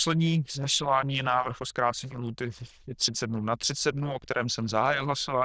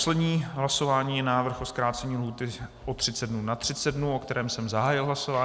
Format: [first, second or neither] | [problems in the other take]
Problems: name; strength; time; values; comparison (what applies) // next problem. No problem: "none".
second | noise reduction (neural diffusion model UNIVERSE++)